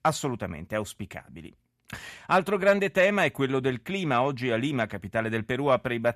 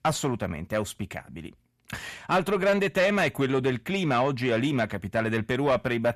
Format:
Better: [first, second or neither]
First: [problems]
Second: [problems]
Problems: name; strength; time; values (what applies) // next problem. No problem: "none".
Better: first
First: none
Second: distortion; slight; 10 dB below the speech